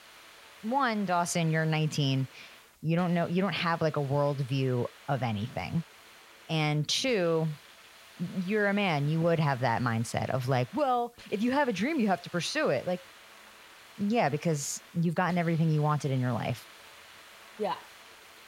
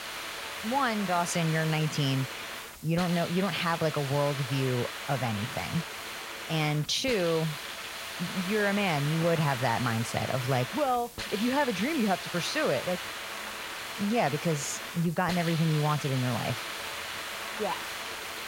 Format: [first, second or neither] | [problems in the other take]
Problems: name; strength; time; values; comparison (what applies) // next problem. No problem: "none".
first | hiss; loud; throughout; 6 dB below the speech; faint in the first